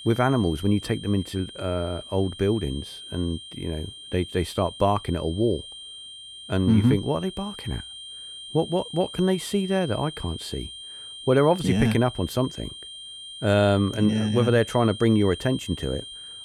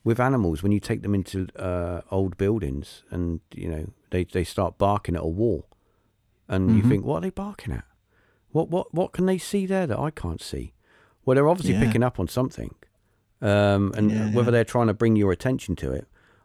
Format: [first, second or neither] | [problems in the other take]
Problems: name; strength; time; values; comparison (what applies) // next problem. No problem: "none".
second | high-pitched whine; noticeable; throughout; 3 kHz, 15 dB below the speech